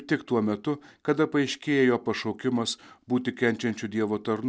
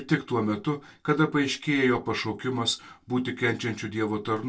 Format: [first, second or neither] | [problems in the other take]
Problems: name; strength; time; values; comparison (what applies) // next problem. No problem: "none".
first | room echo; dies away in 0.1 s